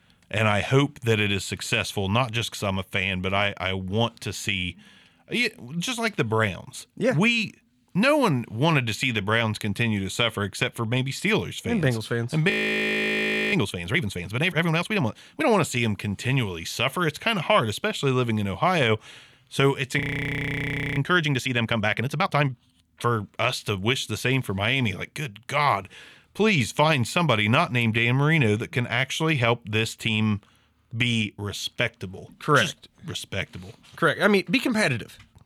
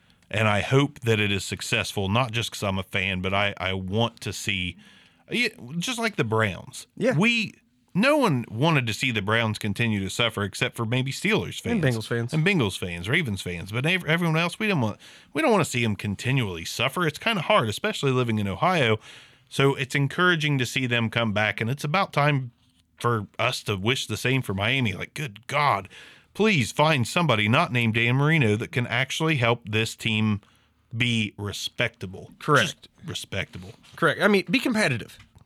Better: second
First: audio freezing; at 13 s for 1 s and at 20 s for 1 s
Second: none

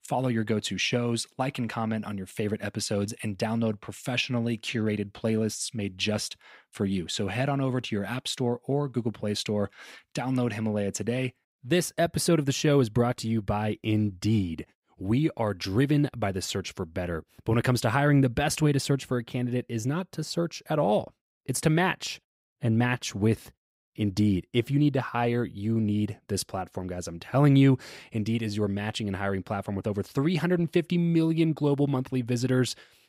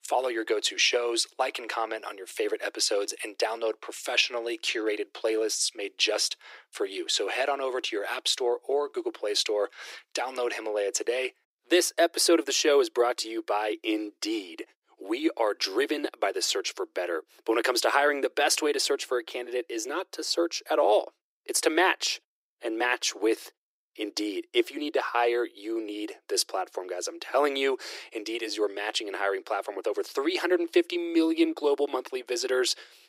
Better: first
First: none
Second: thin; very; fading below 350 Hz

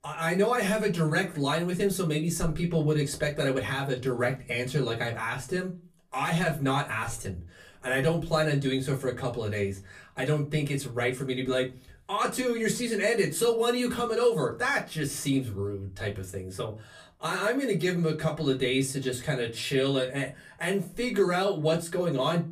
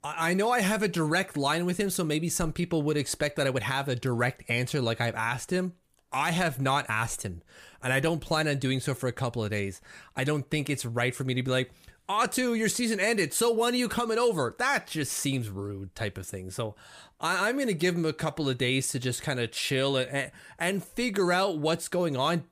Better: second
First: off-mic speech; somewhat distant // room echo; very slight; dies away in 0.2 s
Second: none

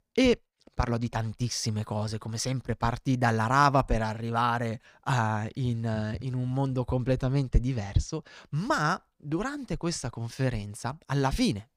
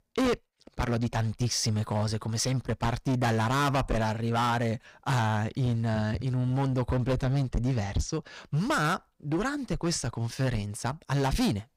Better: first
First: none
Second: distortion; heavy; 15% of the sound clipped

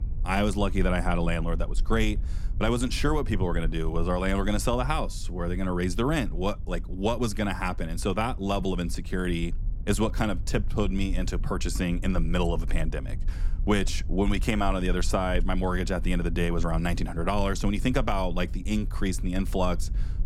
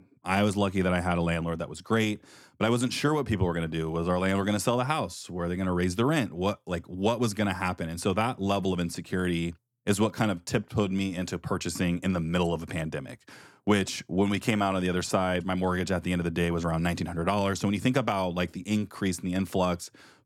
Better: second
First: low rumble; faint; throughout; 25 dB below the speech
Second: none

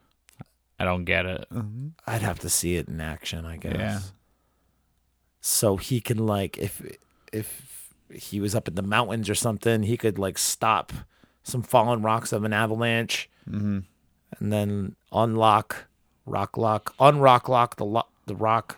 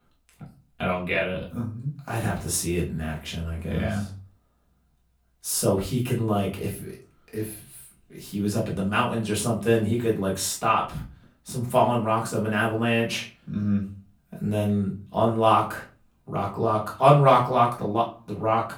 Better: first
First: none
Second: off-mic speech; far // room echo; slight; dies away in 0.3 s

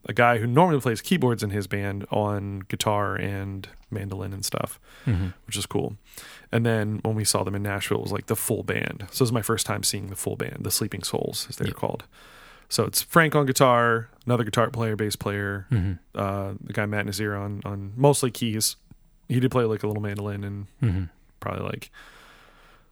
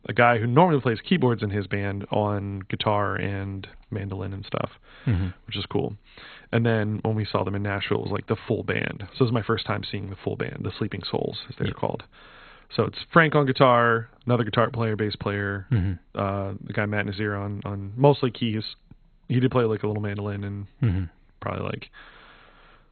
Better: first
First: none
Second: garbled, watery; badly; nothing above 4 kHz

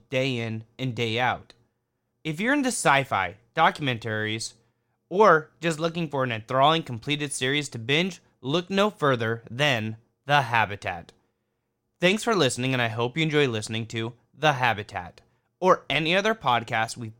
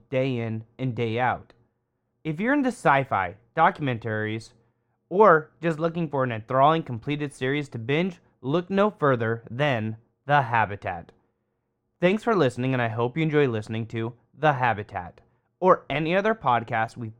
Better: first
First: none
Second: muffled; very; fading above 2.5 kHz

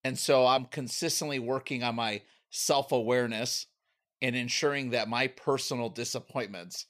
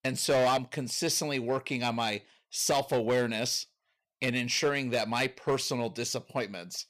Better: first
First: none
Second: distortion; slight; 4% of the sound clipped

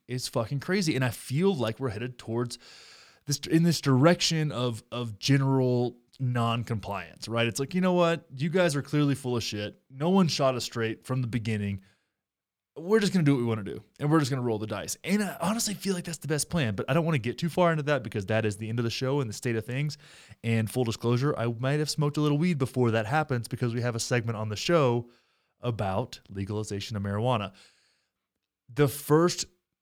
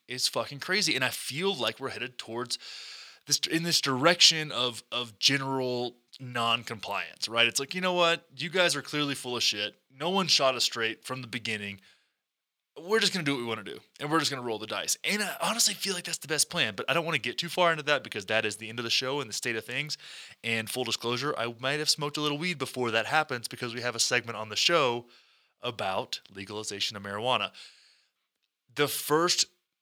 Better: first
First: none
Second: thin; somewhat; fading below 850 Hz

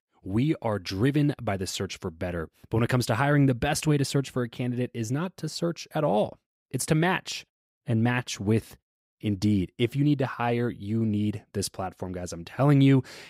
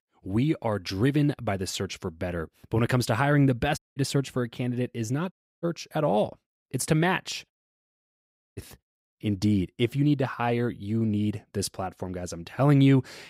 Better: first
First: none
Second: audio cutting out; at 4 s, at 5.5 s and at 7.5 s for 1 s

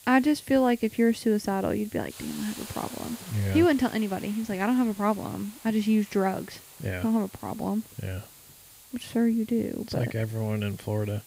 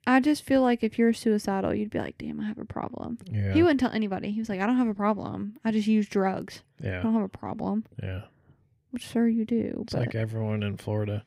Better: second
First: hiss; noticeable; throughout; 20 dB below the speech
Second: none

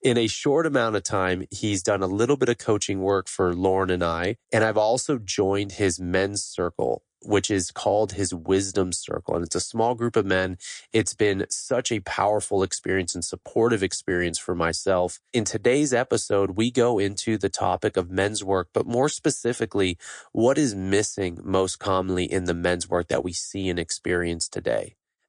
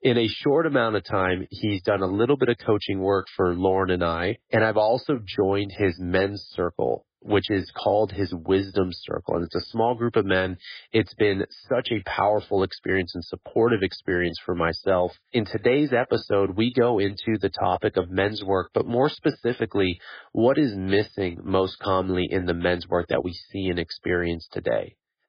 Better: first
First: garbled, watery; slightly; nothing above 9 kHz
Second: garbled, watery; badly; nothing above 5 kHz

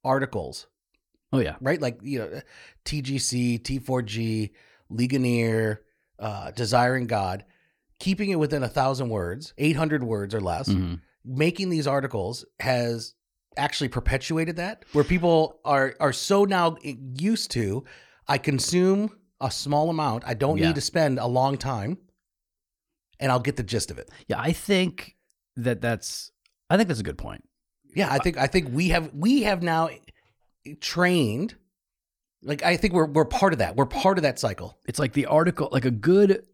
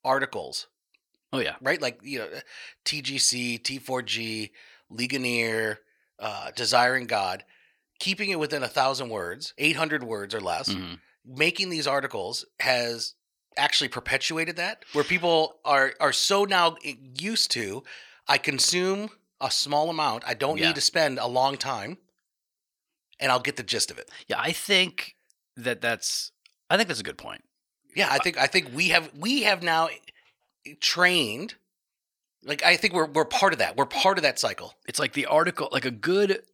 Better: first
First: none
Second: thin; somewhat; fading below 800 Hz

